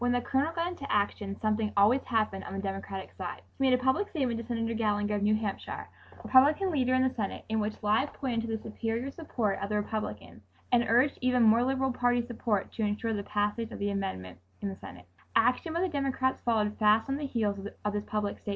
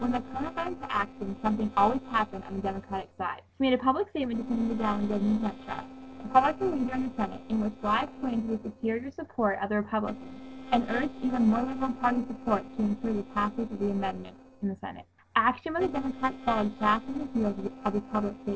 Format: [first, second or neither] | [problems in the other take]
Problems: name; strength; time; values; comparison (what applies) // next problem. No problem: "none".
first | noise reduction (neural separator model SepFormer DNS4)